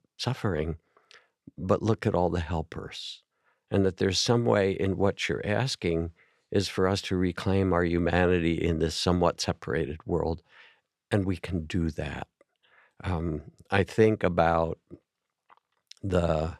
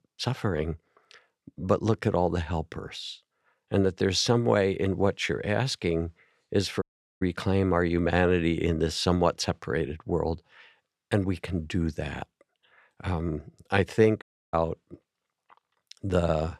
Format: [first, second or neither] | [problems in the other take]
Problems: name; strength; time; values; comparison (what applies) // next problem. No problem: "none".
first | audio cutting out; at 7 s and at 14 s